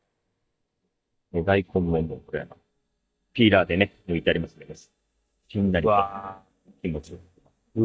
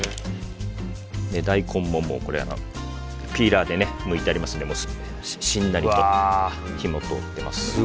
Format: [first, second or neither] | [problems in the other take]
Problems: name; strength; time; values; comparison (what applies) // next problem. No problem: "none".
second | noise reduction (neural mask model DeepFilterNet 3)